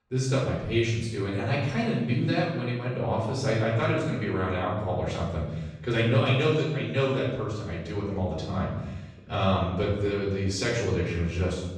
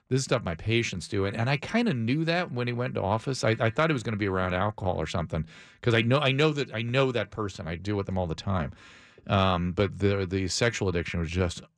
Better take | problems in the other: second | off-mic speech; far // room echo; noticeable; dies away in 1 s

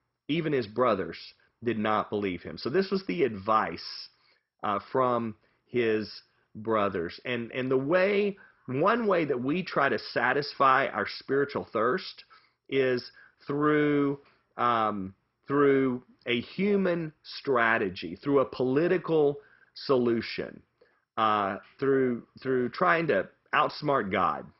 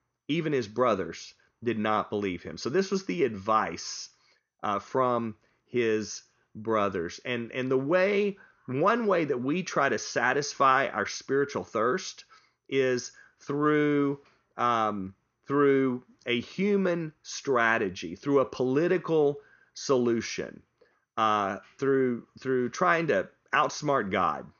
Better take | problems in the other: second | garbled, watery; badly; nothing above 5.5 kHz; slightly in the second

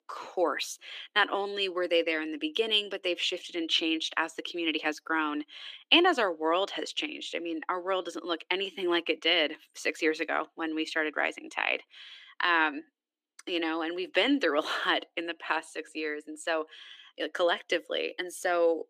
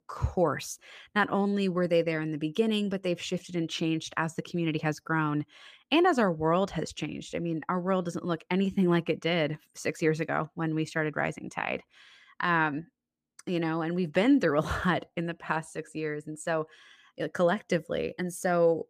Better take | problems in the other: second | thin; somewhat; fading below 300 Hz

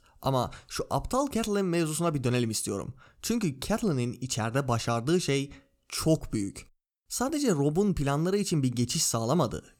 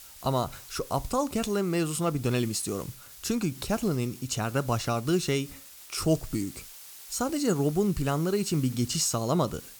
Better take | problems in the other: first | hiss; noticeable; throughout; 15 dB below the speech

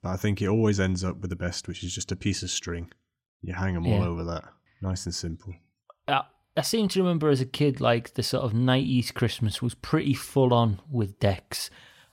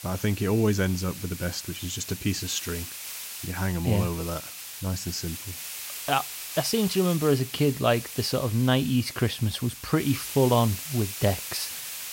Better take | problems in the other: first | hiss; loud; throughout; 9 dB below the speech

